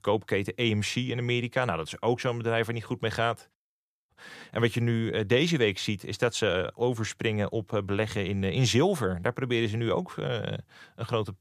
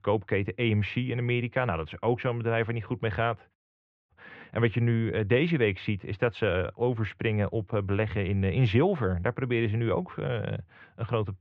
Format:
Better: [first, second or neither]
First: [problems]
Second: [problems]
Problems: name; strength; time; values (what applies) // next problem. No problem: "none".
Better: first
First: none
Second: muffled; very; fading above 2.5 kHz